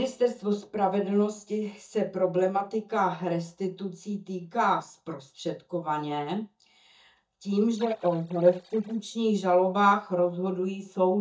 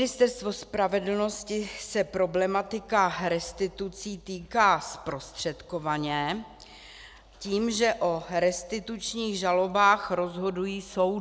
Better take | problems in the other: second | noise reduction (neural mask model DeepFilterNet 3)

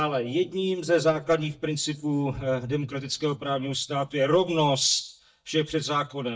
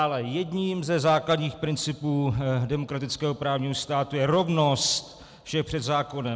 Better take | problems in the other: second | noise reduction (neural mask model DeepFilterNet 3)

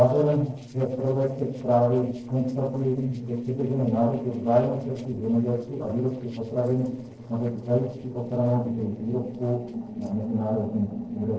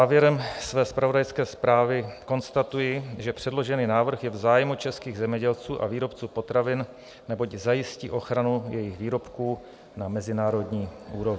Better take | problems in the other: second | noise reduction (neural separator model SepFormer DNS4)

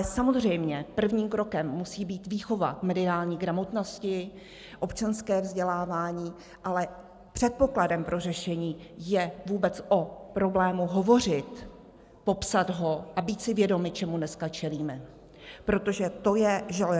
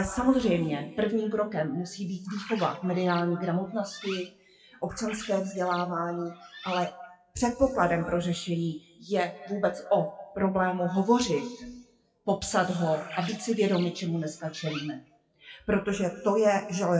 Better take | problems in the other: first | noise reduction (classical method WPE with log-MMSE)

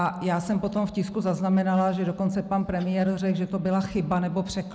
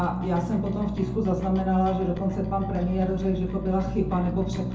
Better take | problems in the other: first | background sound (Bass guitar); 8 dB below the speech // room echo; dies away in 0.6 s

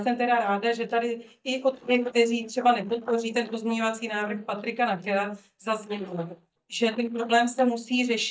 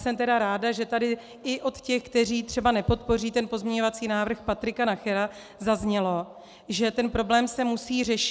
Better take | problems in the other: second | noise reduction (neural mask model DeepFilterNet 3)

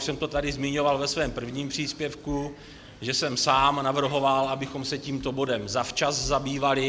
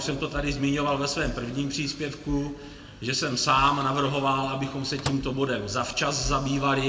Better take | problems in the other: first | background sound (Microwave oven); 14 dB below the speech // room echo; dies away in 1.7 s

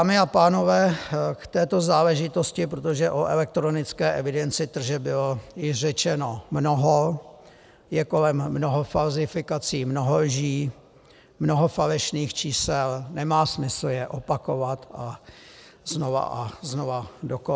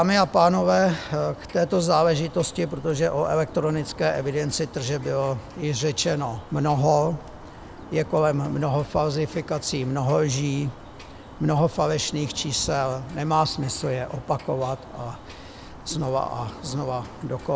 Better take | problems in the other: first | background sound (Bird); 17 dB below the speech

